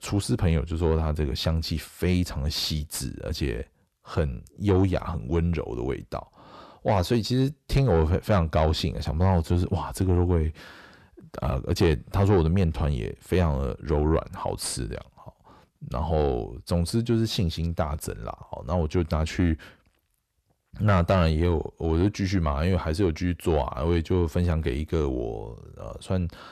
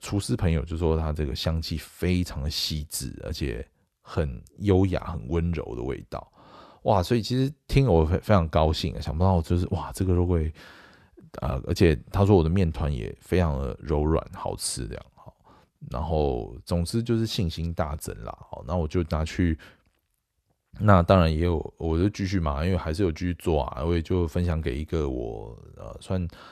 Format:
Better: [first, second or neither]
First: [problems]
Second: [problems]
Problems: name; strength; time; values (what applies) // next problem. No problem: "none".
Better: second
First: distortion; slight; 10 dB below the speech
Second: none